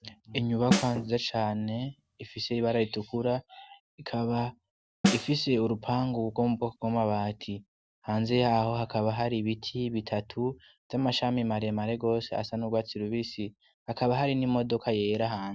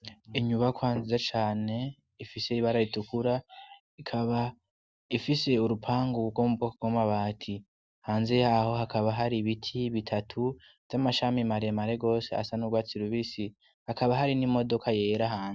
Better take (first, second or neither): second